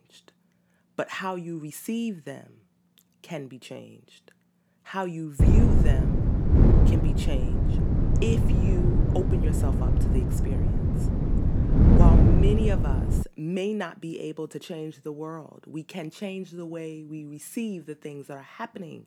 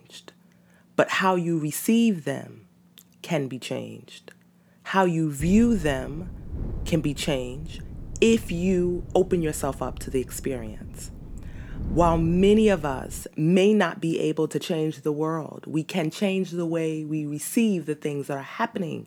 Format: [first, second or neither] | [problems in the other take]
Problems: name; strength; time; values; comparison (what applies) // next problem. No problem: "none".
second | wind noise on the microphone; heavy; from 5.5 to 13 s; 3 dB above the speech; occasional gusts in the second